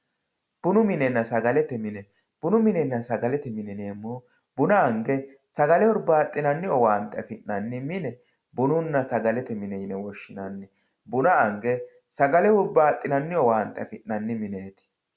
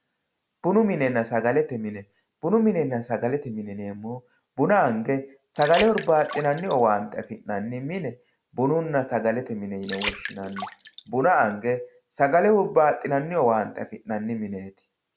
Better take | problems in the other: first | background sound (Water); 15 dB below the speech

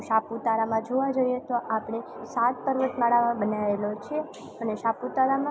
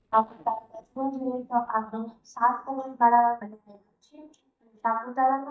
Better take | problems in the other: first | noise reduction (neural mask model DeepFilterNet 3)

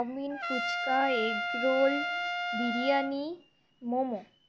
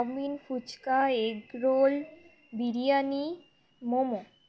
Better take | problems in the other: second | background sound (Trumpet); 2 dB below the speech

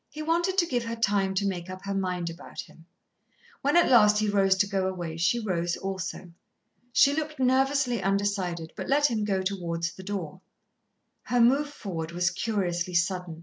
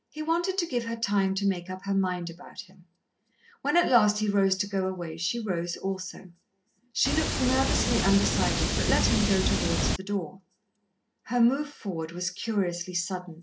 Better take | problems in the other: first | background sound (Water); 2 dB above the speech // room echo; dies away in 0.3 s

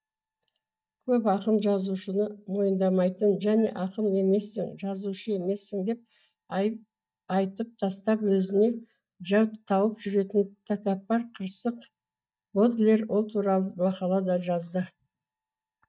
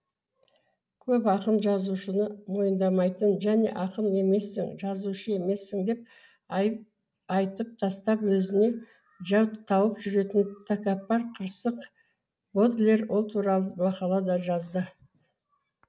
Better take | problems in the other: second | noise reduction (neural mask model DeepFilterNet 3)

